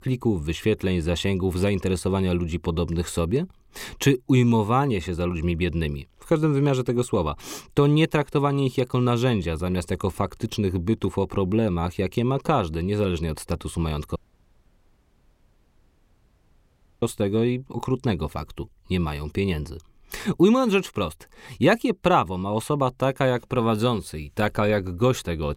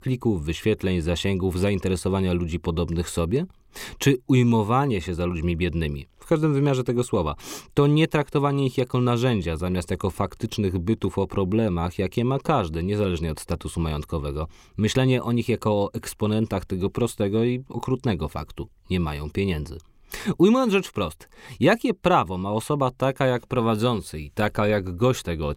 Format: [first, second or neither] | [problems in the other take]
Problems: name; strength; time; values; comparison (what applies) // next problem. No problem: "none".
second | audio cutting out; at 14 s for 3 s